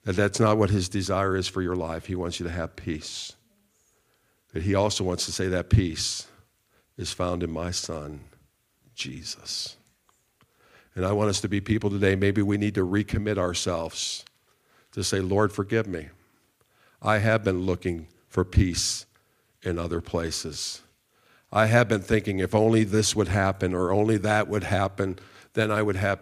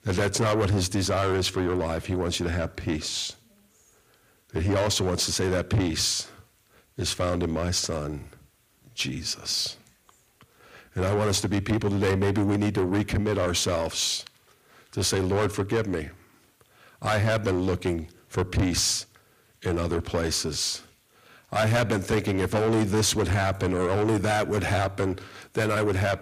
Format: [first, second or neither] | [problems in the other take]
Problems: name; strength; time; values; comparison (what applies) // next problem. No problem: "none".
first | distortion; heavy; 6 dB below the speech